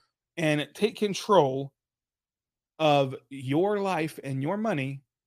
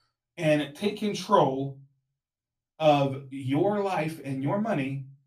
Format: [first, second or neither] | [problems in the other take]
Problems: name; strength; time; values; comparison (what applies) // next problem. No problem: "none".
first | off-mic speech; far // room echo; very slight; dies away in 0.2 s